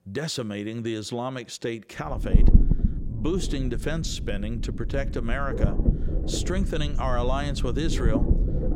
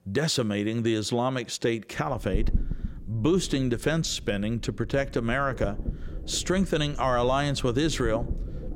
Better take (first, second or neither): second